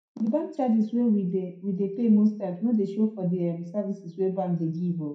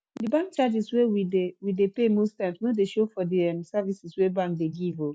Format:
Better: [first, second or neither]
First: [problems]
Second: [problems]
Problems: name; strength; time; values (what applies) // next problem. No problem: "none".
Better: second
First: room echo; dies away in 0.4 s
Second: none